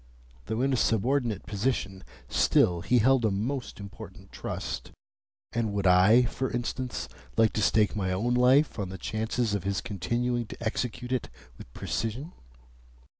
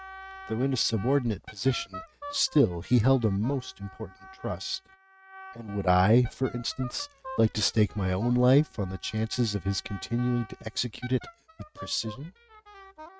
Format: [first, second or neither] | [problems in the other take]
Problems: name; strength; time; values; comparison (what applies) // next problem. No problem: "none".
first | noise reduction (neural mask model RNNoise)